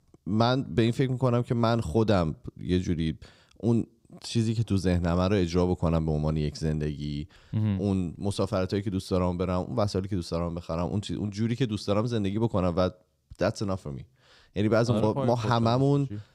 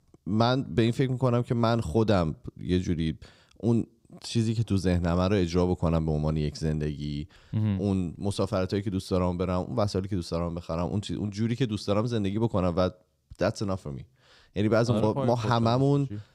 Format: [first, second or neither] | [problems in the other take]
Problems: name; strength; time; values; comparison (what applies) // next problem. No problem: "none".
neither | none